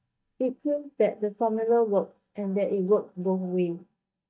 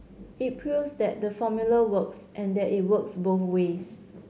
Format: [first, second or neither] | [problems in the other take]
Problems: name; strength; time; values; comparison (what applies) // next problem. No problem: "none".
second | noise reduction (neural mask model DeepFilterNet 3)